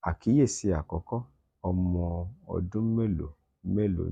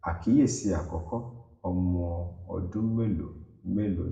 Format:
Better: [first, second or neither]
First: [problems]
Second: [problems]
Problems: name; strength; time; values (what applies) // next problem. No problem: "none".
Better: first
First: none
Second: room echo; dies away in 0.7 s